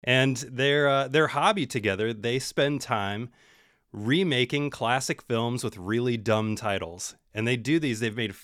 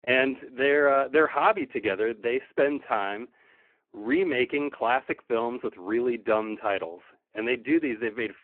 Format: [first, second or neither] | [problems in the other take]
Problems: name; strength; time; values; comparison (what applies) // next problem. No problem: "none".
first | phone-call audio; poor line